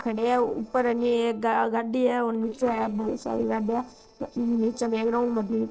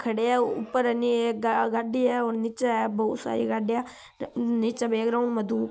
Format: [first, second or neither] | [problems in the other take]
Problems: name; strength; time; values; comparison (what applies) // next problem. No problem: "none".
second | noise reduction (neural separator model SepFormer DNS4)